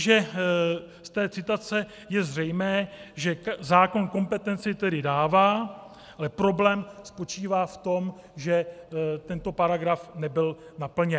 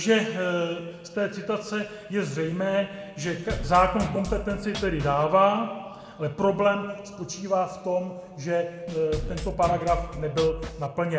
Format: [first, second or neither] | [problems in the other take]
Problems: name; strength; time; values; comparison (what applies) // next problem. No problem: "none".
first | background sound (Drum kit); 8 dB below the speech // room echo; dies away in 1.5 s